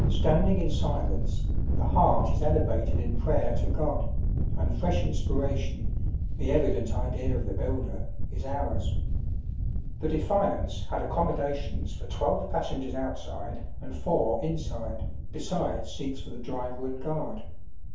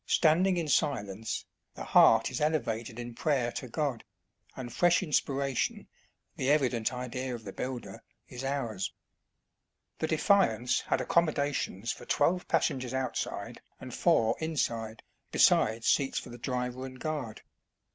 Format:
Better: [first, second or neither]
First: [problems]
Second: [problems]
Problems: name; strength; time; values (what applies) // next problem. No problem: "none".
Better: second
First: background sound (Thunder); 4 dB above the speech // room echo; dies away in 0.6 s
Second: none